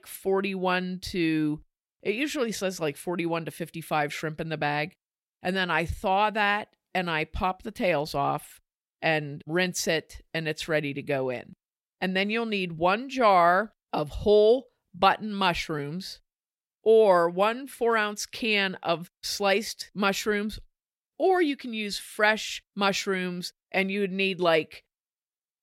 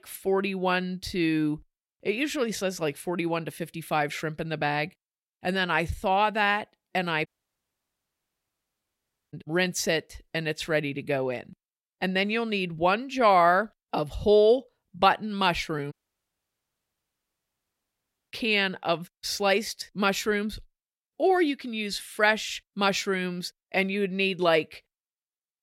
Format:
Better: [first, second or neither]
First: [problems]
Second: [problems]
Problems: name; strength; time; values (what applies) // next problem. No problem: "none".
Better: first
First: none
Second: audio cutting out; at 7.5 s for 2 s and at 16 s for 2.5 s